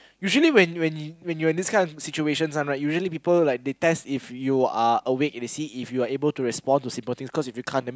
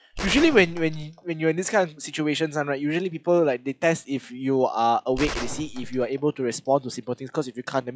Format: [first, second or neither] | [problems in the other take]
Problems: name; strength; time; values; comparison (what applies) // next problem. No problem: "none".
first | noise reduction (classical method log-MMSE)